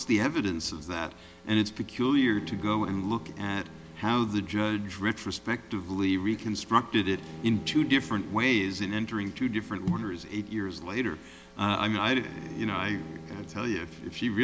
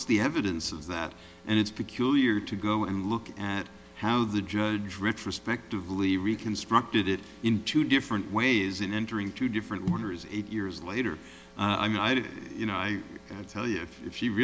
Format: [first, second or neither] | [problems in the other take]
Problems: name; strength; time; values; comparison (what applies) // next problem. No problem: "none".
second | background sound (Bowed string instrument); 18 dB below the speech